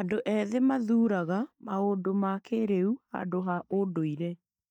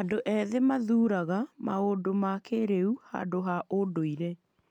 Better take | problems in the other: second | noise reduction (neural mask model DeepFilterNet 3)

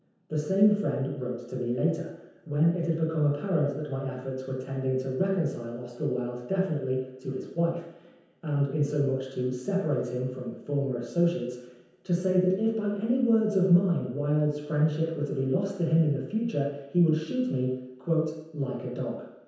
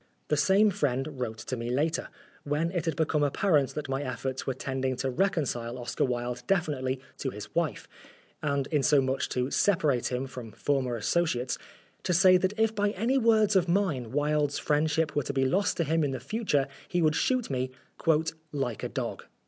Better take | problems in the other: second | room echo; dies away in 0.9 s

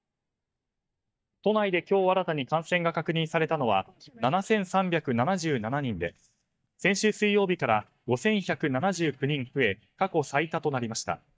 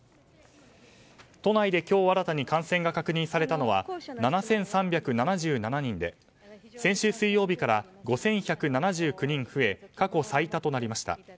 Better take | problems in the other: second | noise reduction (neural mask model DeepFilterNet 3)

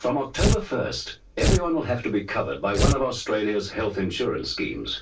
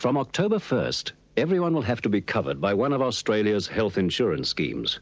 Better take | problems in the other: second | background sound (Tearing); 4 dB above the speech // room echo; dies away in 0.1 s

